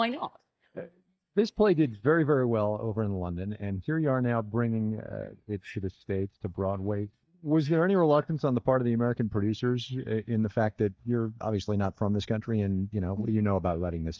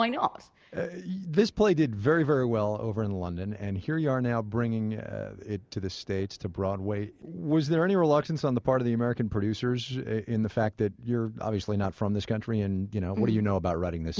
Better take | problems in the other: second | noise reduction (neural mask model DeepFilterNet 3)

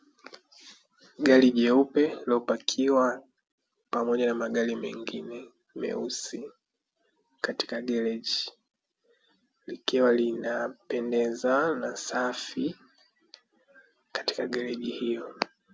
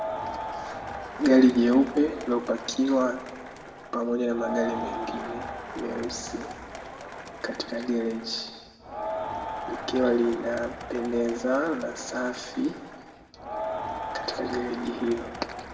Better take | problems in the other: first | background sound (Crowd); 9 dB below the speech // room echo; dies away in 1.2 s

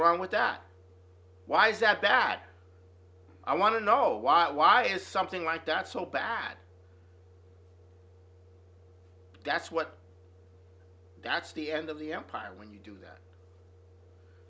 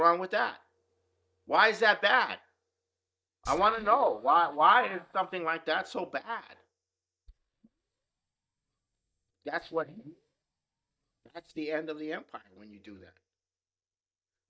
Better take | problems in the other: first | noise reduction (neural mask model DeepFilterNet 3)

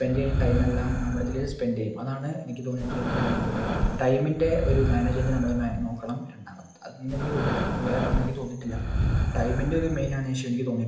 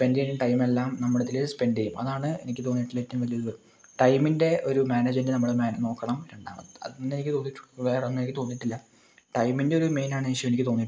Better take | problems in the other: second | background sound (Breathing); as loud as the speech // room echo; dies away in 0.8 s

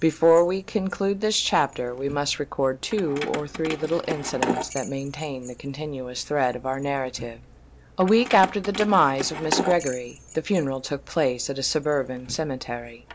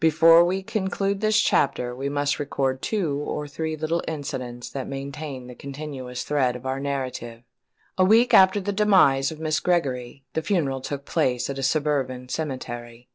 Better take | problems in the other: second | background sound (Keys jangling); 11 dB below the speech

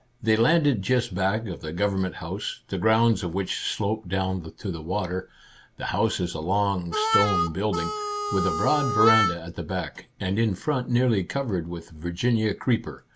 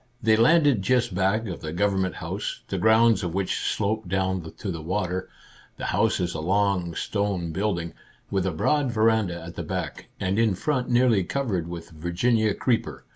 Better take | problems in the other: second | background sound (Harmonica); as loud as the speech

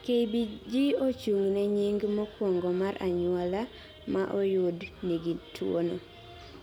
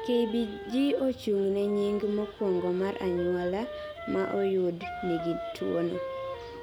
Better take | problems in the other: first | background sound (Wind instrument, woodwind instrument); 10 dB below the speech

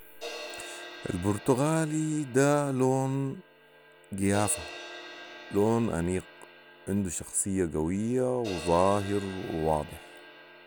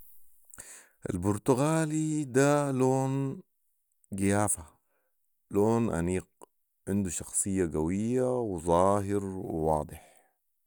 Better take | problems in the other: second | background sound (Crash cymbal); 16 dB below the speech

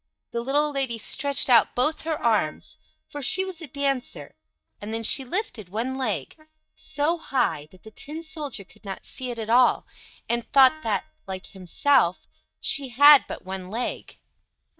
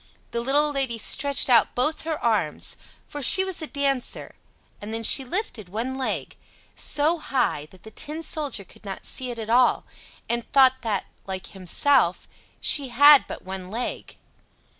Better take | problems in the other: second | noise reduction (neural mask model DeepFilterNet 3)

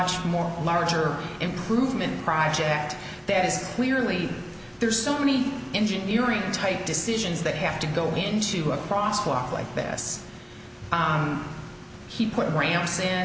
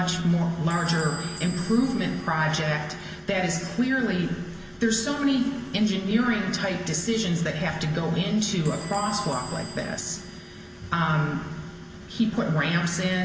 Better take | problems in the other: first | background sound (Door / Bell); 20 dB below the speech // room echo; dies away in 1.5 s

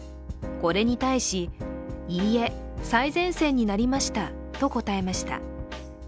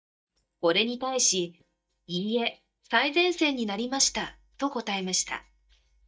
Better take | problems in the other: first | noise reduction (neural mask model DeepFilterNet 3)

